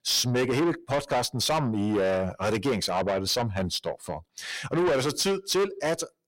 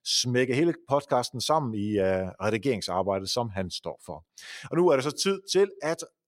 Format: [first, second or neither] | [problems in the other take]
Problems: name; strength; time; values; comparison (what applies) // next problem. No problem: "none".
second | distortion; heavy; 6 dB below the speech